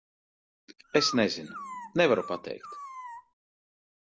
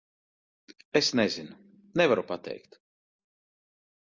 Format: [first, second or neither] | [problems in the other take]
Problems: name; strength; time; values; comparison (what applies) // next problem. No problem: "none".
second | background sound (Dog); 11 dB below the speech